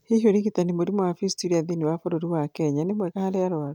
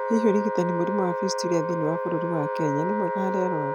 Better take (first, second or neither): first